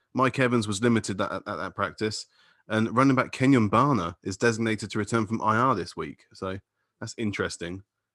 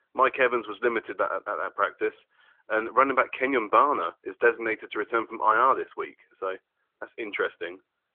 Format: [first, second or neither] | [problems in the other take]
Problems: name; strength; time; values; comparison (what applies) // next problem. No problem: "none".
first | phone-call audio; nothing above 3.5 kHz